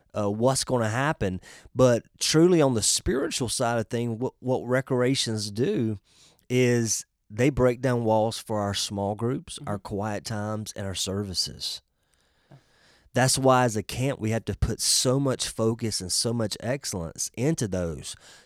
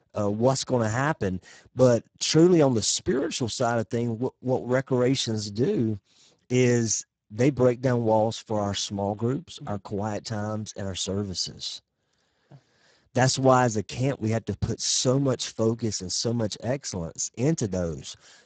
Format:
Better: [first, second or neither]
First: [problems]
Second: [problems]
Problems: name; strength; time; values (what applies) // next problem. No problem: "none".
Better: first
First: none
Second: garbled, watery; badly; nothing above 7.5 kHz